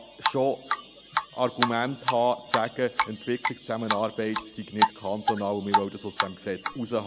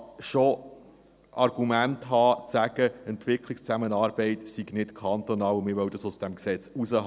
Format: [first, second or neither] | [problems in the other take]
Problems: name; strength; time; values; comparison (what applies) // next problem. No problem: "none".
second | background sound (Drip); 1 dB below the speech